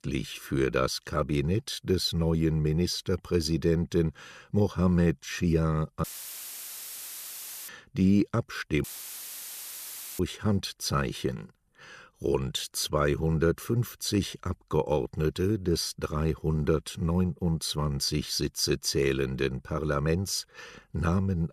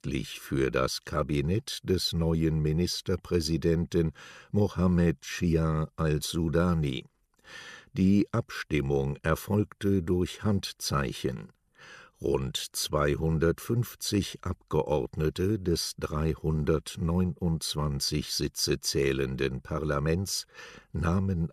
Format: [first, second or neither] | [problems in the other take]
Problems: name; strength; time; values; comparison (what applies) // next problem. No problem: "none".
second | audio cutting out; filled with static; at 6 s for 1.5 s and at 9 s for 1.5 s